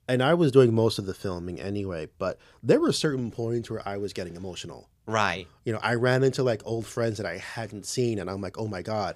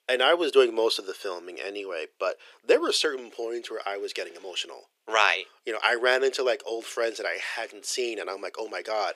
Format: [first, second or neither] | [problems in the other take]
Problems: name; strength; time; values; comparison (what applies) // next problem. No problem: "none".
first | thin; very; fading below 400 Hz